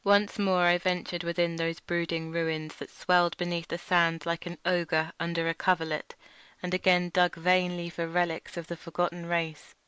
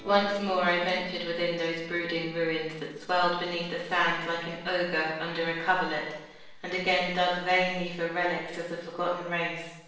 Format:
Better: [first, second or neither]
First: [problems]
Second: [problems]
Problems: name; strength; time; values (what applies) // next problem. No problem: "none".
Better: first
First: none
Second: noise reduction (neural separator model SepFormer DNS4)